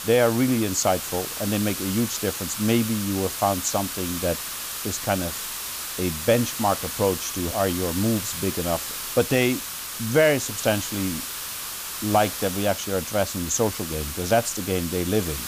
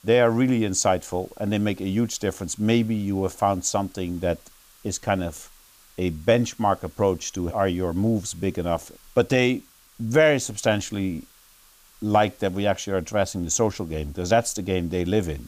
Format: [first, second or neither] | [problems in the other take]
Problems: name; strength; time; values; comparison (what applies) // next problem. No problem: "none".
second | hiss; loud; throughout; 5 dB below the speech; faint in the second